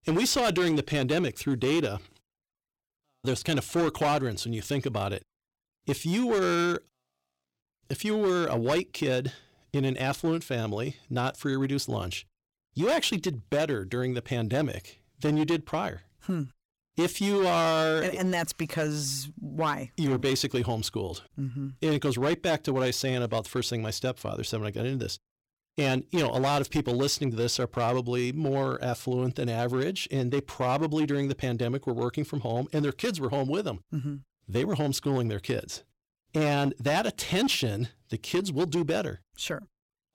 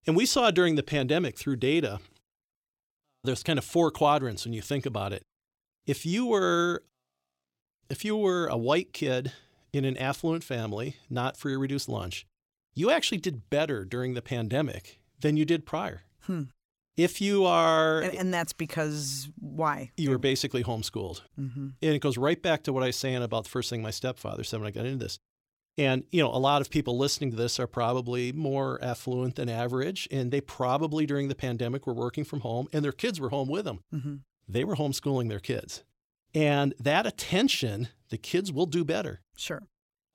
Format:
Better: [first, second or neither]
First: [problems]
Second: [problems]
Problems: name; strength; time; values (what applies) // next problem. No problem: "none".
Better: second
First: distortion; slight; 8% of the sound clipped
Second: none